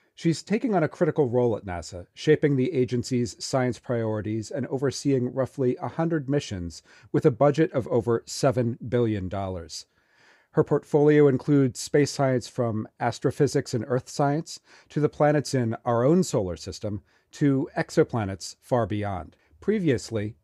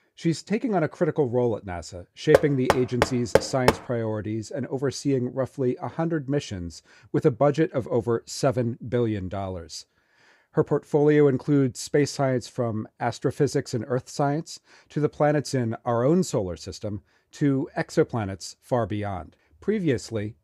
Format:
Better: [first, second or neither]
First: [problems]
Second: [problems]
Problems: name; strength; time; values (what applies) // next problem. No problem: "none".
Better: first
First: none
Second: door banging; loud; from 2.5 to 3.5 s; peak 4 dB above the speech